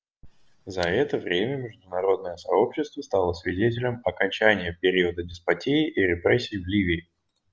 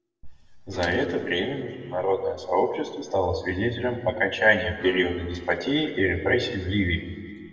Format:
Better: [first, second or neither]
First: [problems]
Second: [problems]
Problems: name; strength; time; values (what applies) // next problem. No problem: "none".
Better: first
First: none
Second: background sound (Piano); 16 dB below the speech // room echo; dies away in 1.3 s